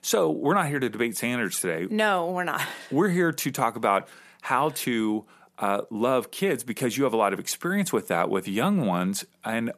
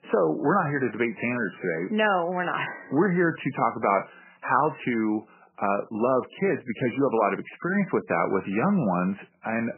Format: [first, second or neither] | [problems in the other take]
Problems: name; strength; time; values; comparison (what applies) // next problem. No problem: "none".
first | garbled, watery; badly; nothing above 3 kHz